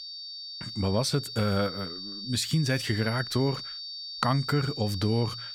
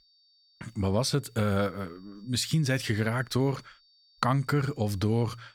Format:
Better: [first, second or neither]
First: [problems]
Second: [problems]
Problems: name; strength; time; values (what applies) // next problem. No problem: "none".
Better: second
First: high-pitched whine; loud; throughout; 4.5 kHz, 8 dB below the speech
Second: high-pitched whine; faint; throughout; 4.5 kHz, 30 dB below the speech